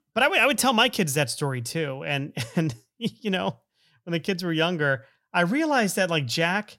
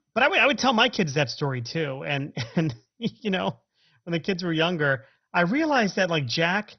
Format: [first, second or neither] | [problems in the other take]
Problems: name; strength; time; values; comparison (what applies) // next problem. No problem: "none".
first | garbled, watery; badly; nothing above 6 kHz